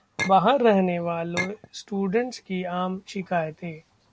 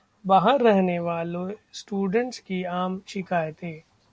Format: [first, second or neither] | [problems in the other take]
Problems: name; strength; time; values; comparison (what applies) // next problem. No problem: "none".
second | background sound (Chink, clink); 9 dB below the speech